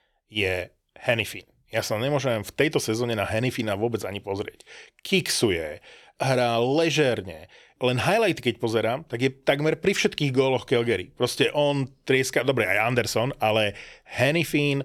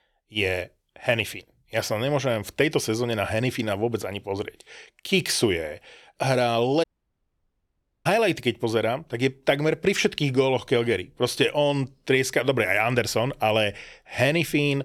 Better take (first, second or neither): first